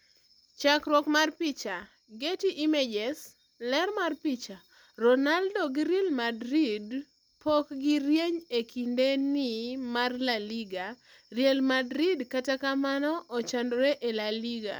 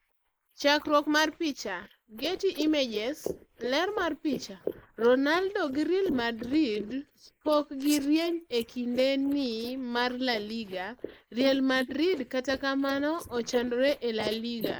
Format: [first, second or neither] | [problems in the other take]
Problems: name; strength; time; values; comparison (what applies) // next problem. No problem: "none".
first | noise reduction (neural mask model Resemble Enhance denoiser)